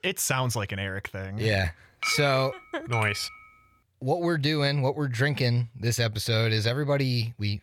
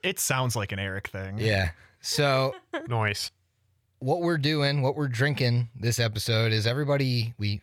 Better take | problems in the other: second | clattering dishes; noticeable; from 2 to 3.5 s; peak 2 dB below the speech

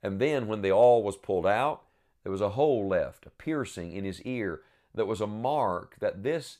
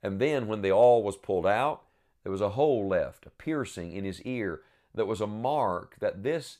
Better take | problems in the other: neither | none

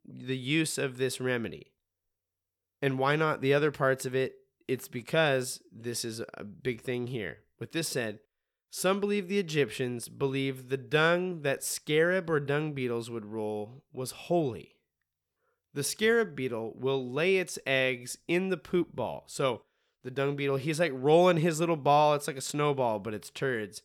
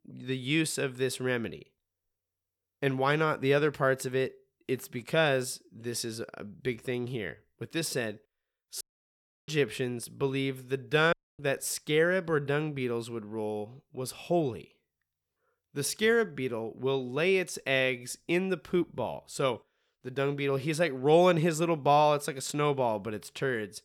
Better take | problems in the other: first | audio cutting out; at 9 s for 0.5 s and at 11 s

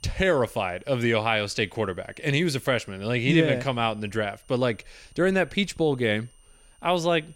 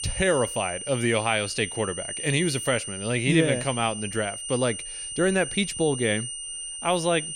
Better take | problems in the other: first | high-pitched whine; loud; throughout; 9 kHz, 7 dB below the speech; faint in the first

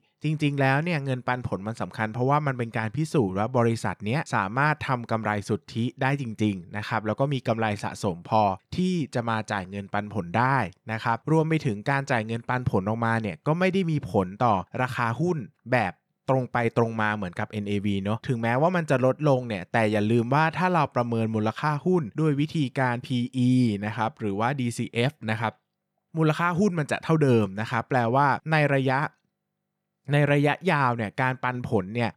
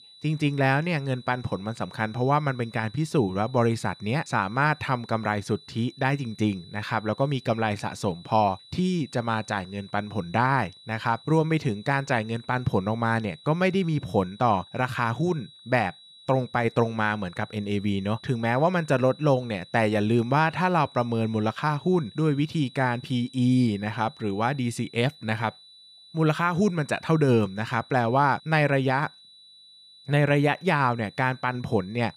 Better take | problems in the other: first | high-pitched whine; faint; throughout; 4 kHz, 25 dB below the speech

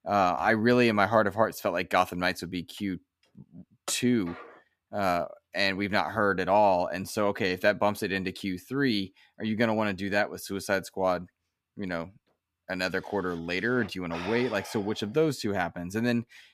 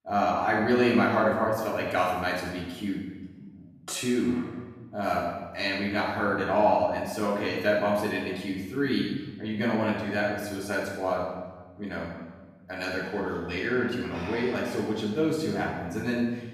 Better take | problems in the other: first | off-mic speech; far // room echo; noticeable; dies away in 1.2 s

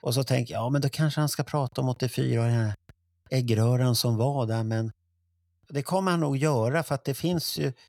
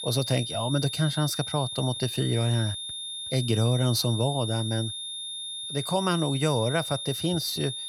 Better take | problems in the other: first | high-pitched whine; loud; throughout; 3.5 kHz, 5 dB below the speech

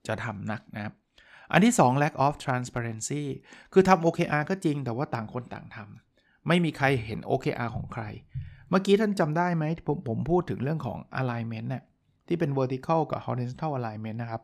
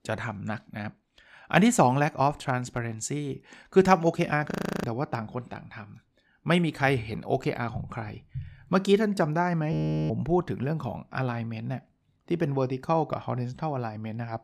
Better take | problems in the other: first | audio freezing; at 4.5 s and at 9.5 s

